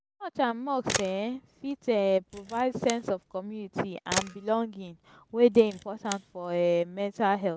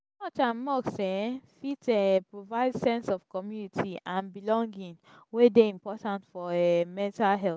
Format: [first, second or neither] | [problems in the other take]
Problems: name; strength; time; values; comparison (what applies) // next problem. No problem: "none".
second | background sound (Camera); 11 dB below the speech